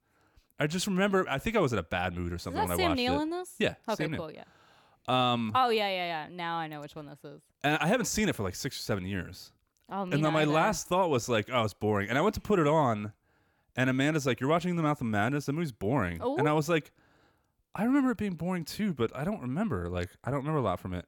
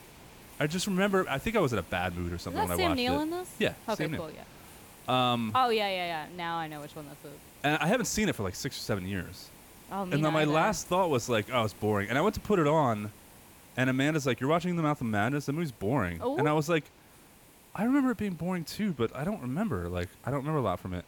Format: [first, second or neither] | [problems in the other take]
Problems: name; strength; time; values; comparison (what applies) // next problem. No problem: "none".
first | hiss; faint; throughout; 20 dB below the speech